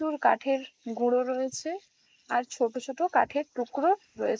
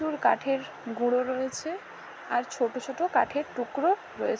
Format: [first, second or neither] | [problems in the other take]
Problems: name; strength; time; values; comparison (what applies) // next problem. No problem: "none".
second | noise reduction (neural mask model Resemble Enhance denoiser)